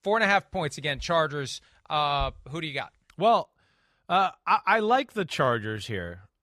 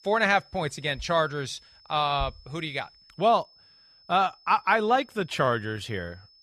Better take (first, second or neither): first